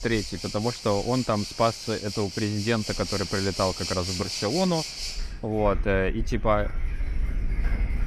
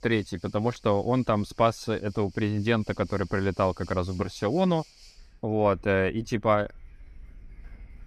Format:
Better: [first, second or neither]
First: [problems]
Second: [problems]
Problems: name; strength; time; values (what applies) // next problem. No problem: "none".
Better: second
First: rain or running water; loud; throughout; 5 dB below the speech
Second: rain or running water; faint; throughout; 25 dB below the speech